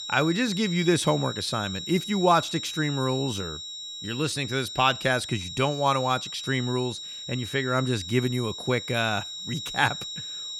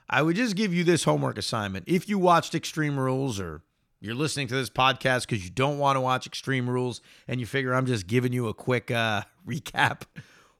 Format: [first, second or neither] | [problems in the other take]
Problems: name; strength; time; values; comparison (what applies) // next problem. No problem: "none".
second | high-pitched whine; loud; throughout; 4 kHz, 8 dB below the speech